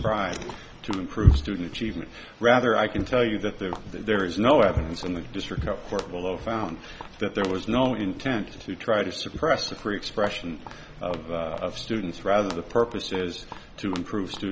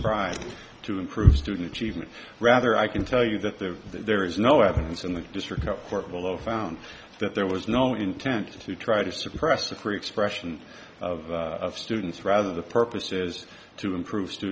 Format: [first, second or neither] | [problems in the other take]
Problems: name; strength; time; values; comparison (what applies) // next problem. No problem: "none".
second | background sound (Walk, footsteps); 16 dB below the speech